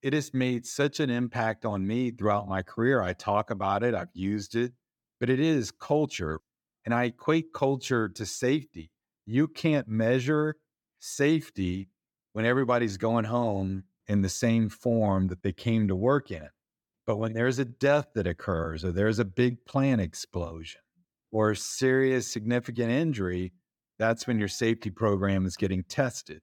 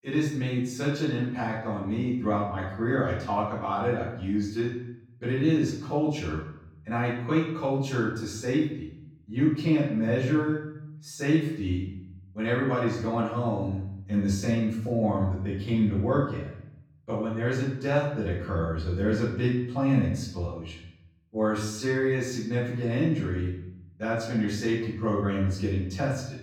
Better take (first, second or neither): first